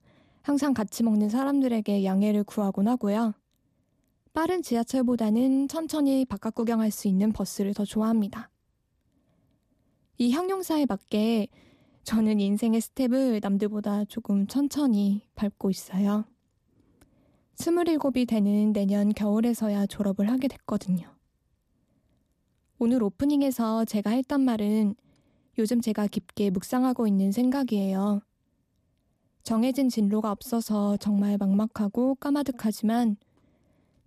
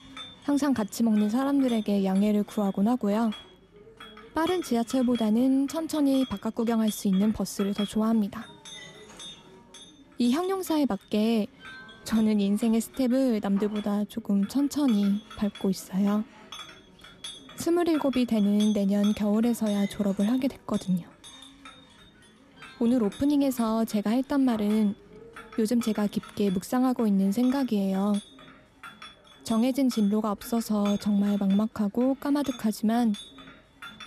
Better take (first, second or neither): first